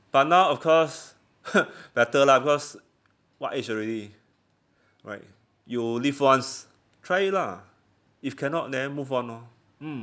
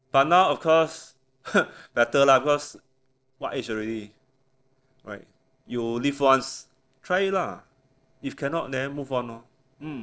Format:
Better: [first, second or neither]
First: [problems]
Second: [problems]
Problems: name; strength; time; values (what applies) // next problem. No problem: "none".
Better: first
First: none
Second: noise reduction (neural separator model SepFormer DNS4)